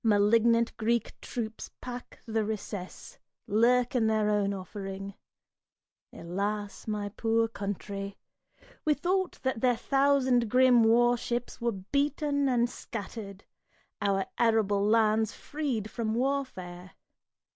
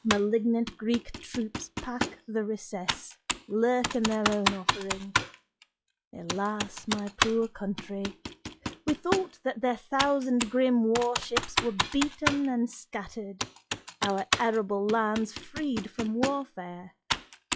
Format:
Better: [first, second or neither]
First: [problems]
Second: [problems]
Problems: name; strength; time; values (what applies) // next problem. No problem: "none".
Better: first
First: none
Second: noise reduction (classical method log-MMSE)